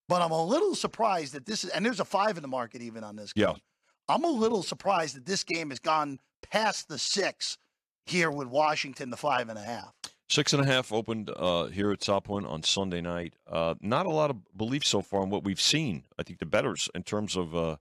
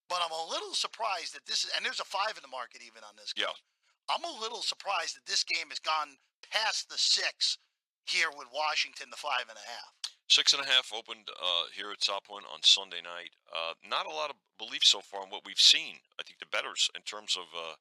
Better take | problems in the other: first | thin; very; fading below 950 Hz

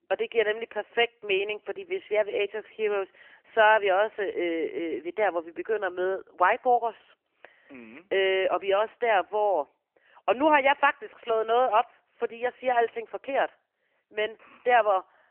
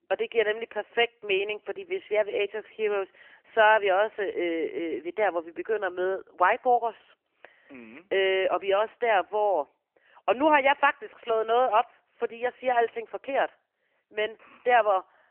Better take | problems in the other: neither | phone-call audio; nothing above 3 kHz; the same in both

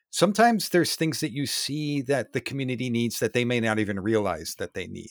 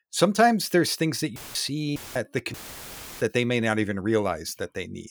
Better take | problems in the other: first | audio cutting out; filled with static; at 1.5 s, at 2 s and at 2.5 s for 0.5 s

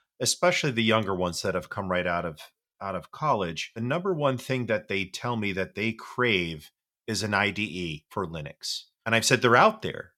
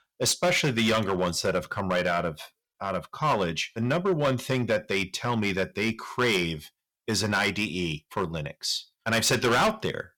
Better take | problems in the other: first | distortion; heavy; 8% of the sound clipped

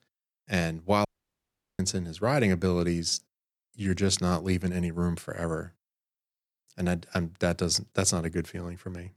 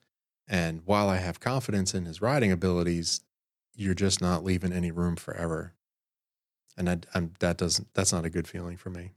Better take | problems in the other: second | audio cutting out; at 1 s for 0.5 s

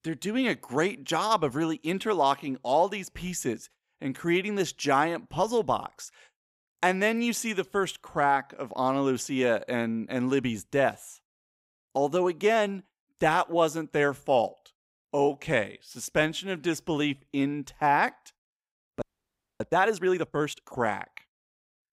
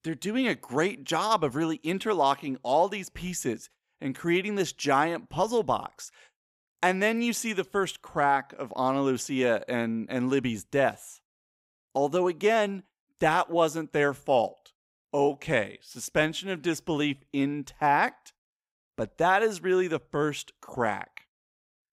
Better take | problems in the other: second | audio freezing; at 19 s for 0.5 s

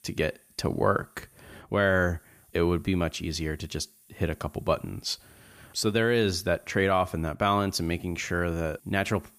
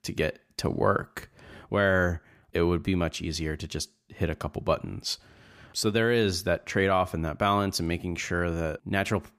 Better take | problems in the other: second | hiss; faint; throughout; 30 dB below the speech

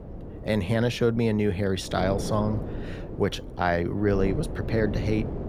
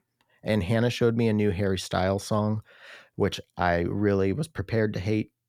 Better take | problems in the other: second | wind noise on the microphone; occasional gusts; 10 dB below the speech

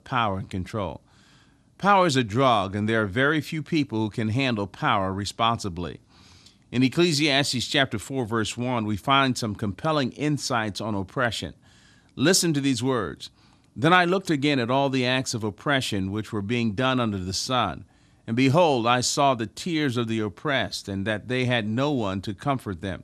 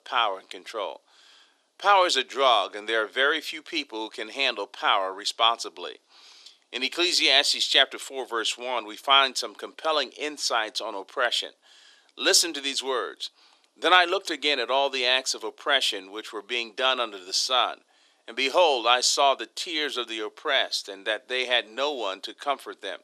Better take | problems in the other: first | thin; very; fading below 400 Hz

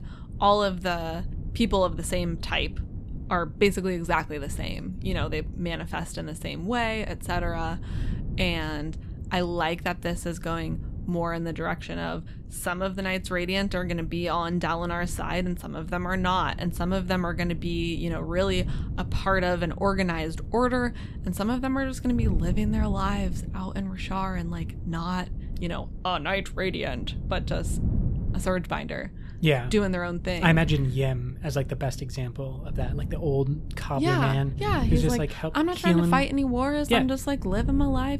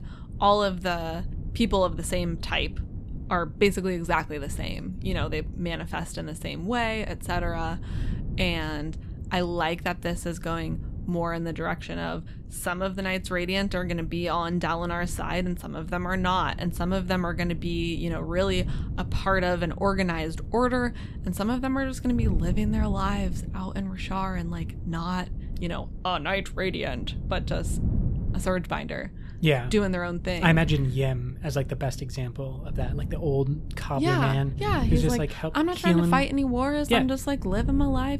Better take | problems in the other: neither | wind noise on the microphone; occasional gusts; 20 dB below the speech; the same in both

